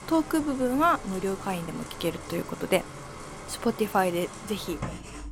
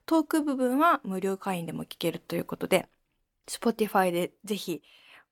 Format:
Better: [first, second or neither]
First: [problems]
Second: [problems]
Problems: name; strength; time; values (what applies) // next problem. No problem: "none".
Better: second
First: household noises; noticeable; throughout; 10 dB below the speech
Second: none